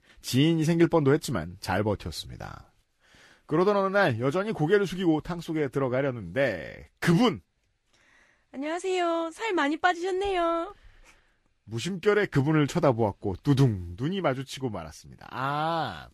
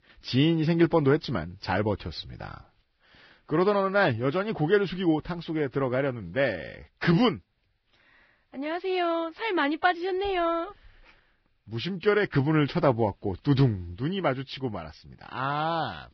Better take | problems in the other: first | garbled, watery; badly; nothing above 5.5 kHz; slightly in the first

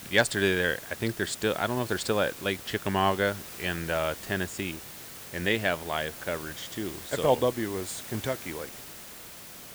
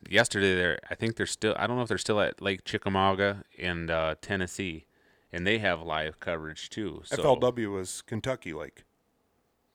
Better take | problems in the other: second | hiss; noticeable; throughout; 10 dB below the speech

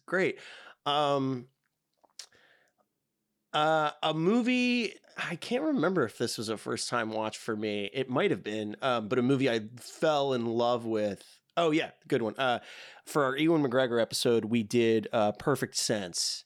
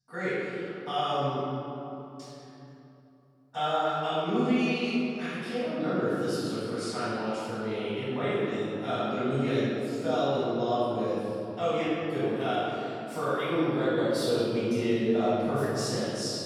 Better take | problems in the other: first | off-mic speech; far // room echo; strong; dies away in 3 s

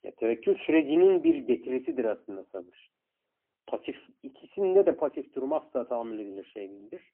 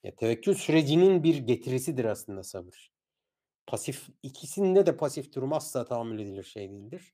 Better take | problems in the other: second | phone-call audio; poor line; nothing above 3 kHz

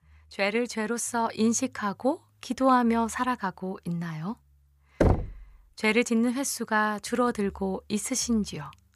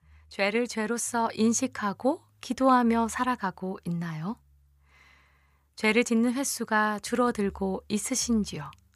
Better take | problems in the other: second | door banging; loud; at 5 s; peak 2 dB above the speech

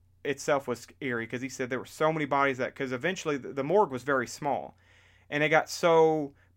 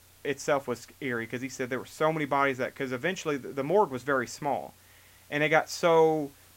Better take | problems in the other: first | hiss; faint; throughout; 30 dB below the speech

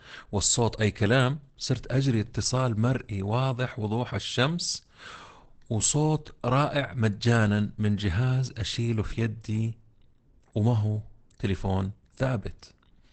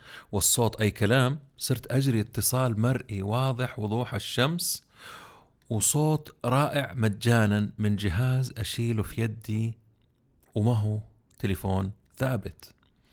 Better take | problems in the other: second | garbled, watery; badly; nothing above 8 kHz; slightly in the second

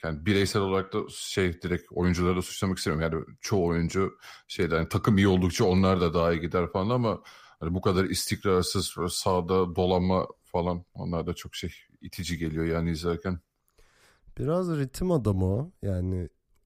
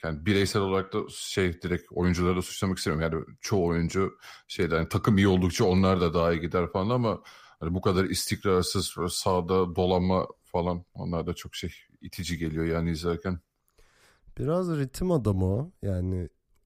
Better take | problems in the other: neither | none

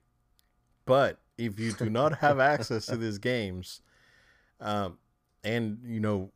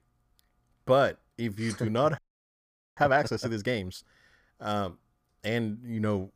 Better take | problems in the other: first | audio freezing; at 2 s for 1 s

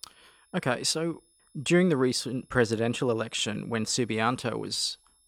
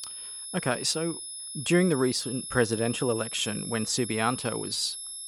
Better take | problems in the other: first | high-pitched whine; loud; throughout; 11 kHz, 7 dB below the speech; faint in the first

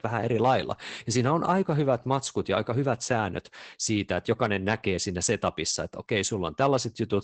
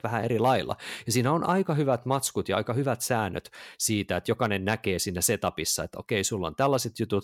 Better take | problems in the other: second | garbled, watery; badly; nothing above 8 kHz

